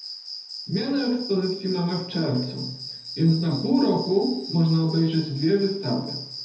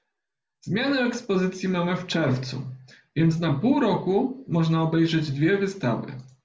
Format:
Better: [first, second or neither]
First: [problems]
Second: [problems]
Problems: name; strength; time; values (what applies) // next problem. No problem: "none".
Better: second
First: background sound (Cricket); 13 dB below the speech // room echo; dies away in 0.7 s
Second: none